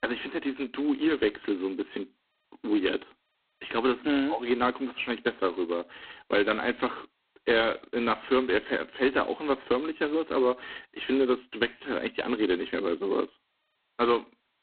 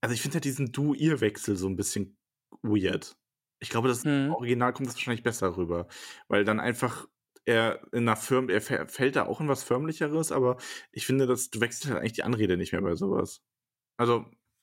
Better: second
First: phone-call audio; poor line; nothing above 4 kHz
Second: none

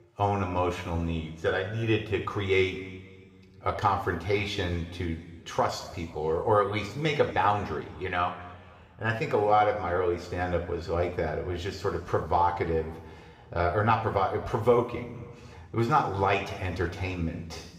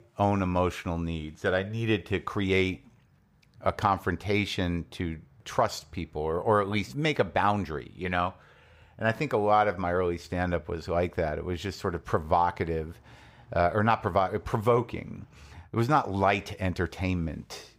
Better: second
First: room echo; noticeable; dies away in 1.7 s // off-mic speech; somewhat distant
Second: none

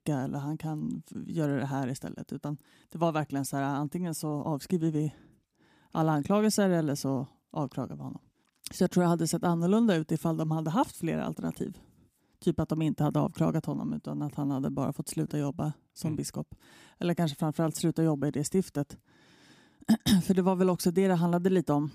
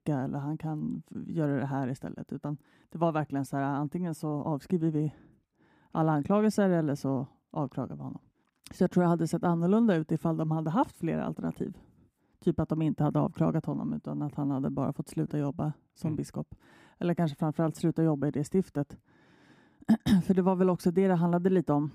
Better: first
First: none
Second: muffled; slightly; fading above 2.5 kHz

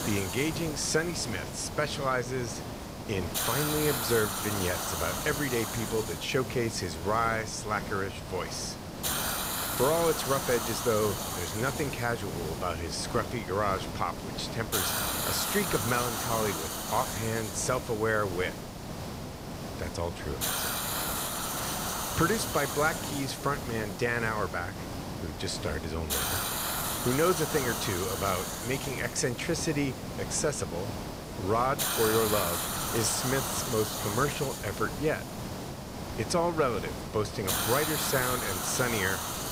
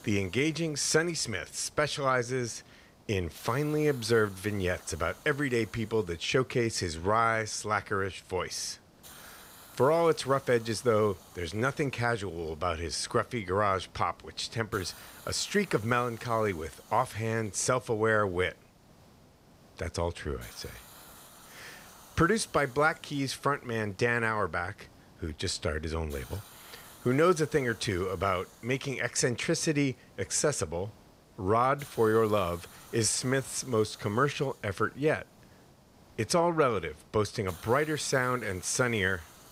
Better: second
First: hiss; loud; throughout; 2 dB below the speech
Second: hiss; faint; throughout; 25 dB below the speech

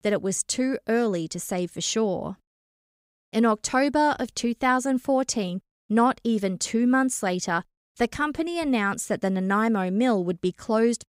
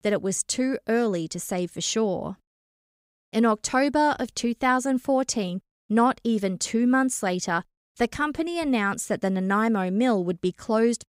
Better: neither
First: none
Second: none

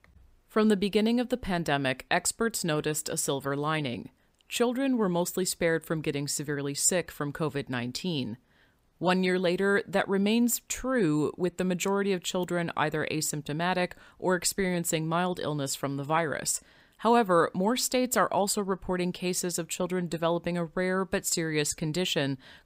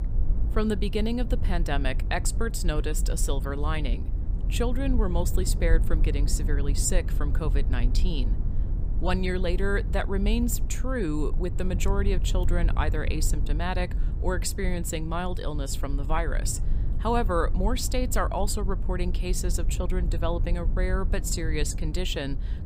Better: first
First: none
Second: low rumble; noticeable; throughout; 15 dB below the speech

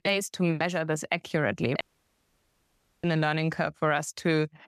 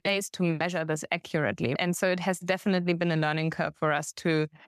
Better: second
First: audio cutting out; at 2 s for 1 s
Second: none

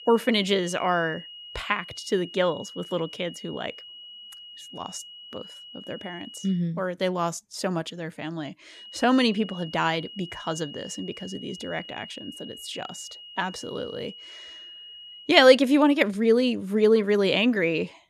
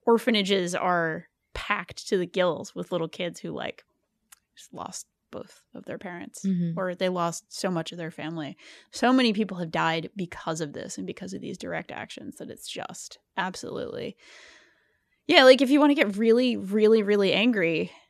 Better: second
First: high-pitched whine; noticeable; until 6.5 s and from 9 to 15 s; 3 kHz, 15 dB below the speech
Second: none

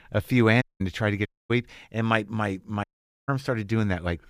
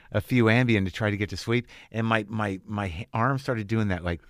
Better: second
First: audio cutting out; at 0.5 s, at 1.5 s and at 3 s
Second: none

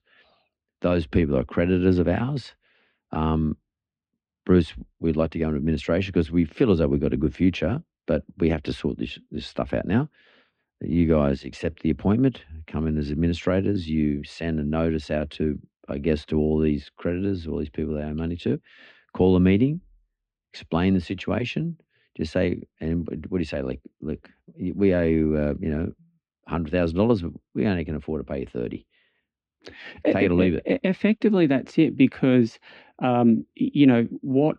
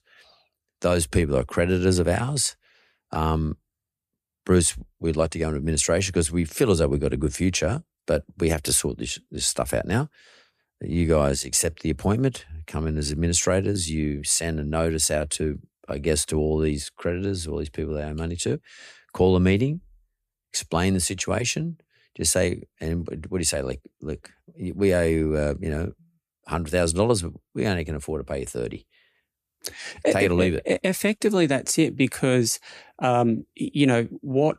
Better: second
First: muffled; very; fading above 3.5 kHz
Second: none

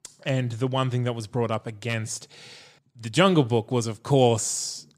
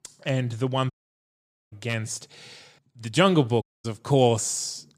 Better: first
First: none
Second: audio cutting out; at 1 s for 1 s and at 3.5 s

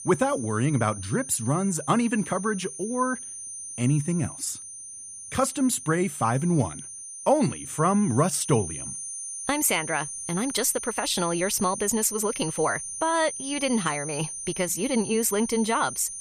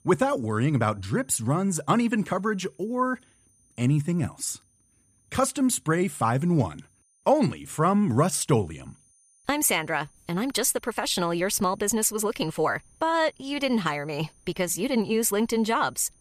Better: second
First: high-pitched whine; loud; throughout; 9 kHz, 8 dB below the speech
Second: high-pitched whine; faint; throughout; 9 kHz, 35 dB below the speech

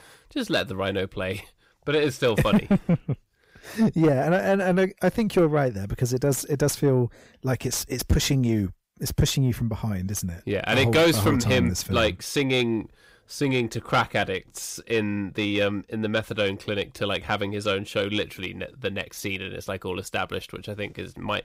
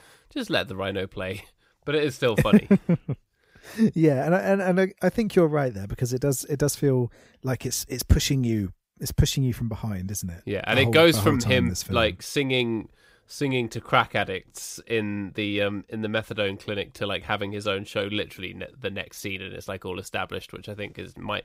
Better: second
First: distortion; slight; 10 dB below the speech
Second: none

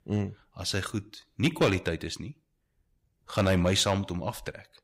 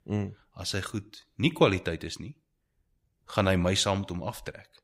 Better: second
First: distortion; slight; 1.7% of the sound clipped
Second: none

